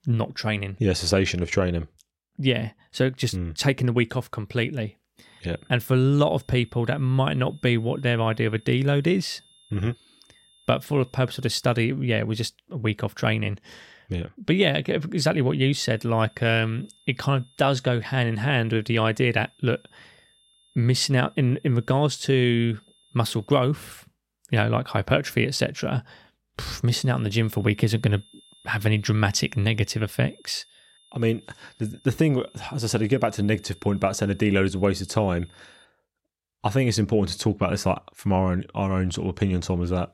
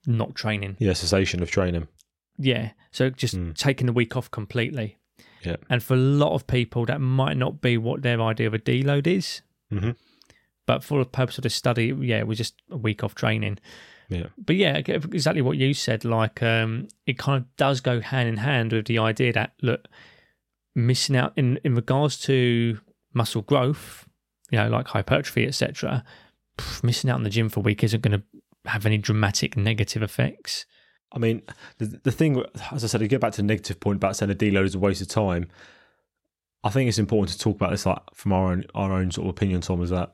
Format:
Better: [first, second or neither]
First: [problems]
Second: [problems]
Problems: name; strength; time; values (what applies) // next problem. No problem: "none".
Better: second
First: high-pitched whine; faint; from 5 to 12 s, from 16 to 23 s and from 27 to 36 s; 3.5 kHz, 30 dB below the speech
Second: none